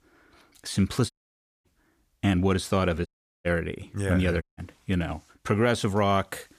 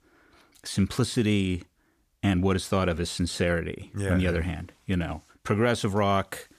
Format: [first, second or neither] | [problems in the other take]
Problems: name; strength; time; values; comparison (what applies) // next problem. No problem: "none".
second | audio cutting out; at 1 s for 0.5 s, at 3 s and at 4.5 s